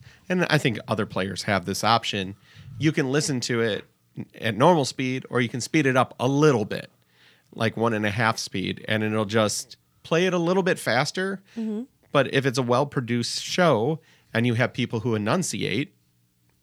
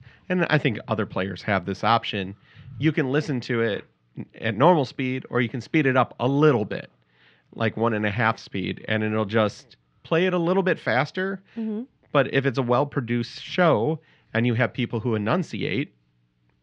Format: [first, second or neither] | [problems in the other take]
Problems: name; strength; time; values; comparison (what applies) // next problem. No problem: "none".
first | muffled; slightly; fading above 3.5 kHz